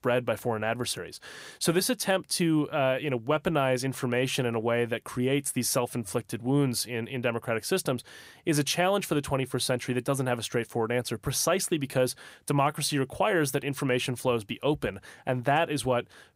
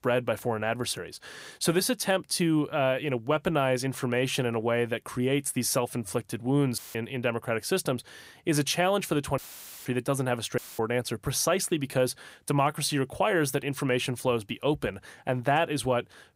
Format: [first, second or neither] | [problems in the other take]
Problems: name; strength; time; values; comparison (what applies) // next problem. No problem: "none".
first | audio cutting out; filled with static; at 7 s, at 9.5 s and at 11 s